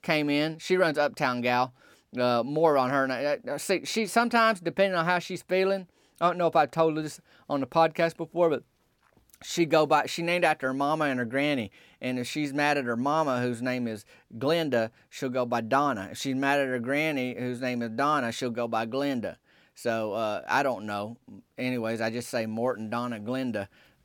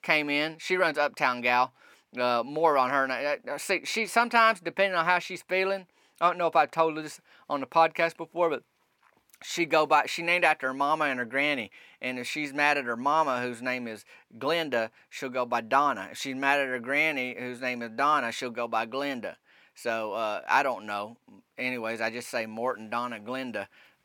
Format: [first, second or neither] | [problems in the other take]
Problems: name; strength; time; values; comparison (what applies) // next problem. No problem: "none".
first | thin; very slightly; fading below 700 Hz